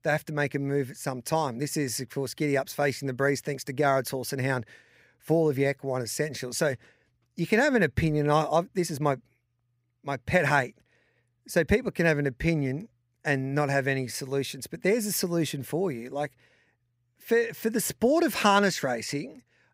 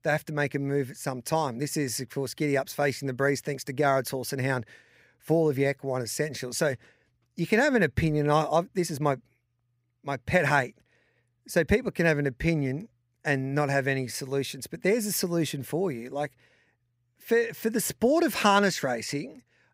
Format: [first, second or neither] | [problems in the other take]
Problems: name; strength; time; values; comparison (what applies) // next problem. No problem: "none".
neither | none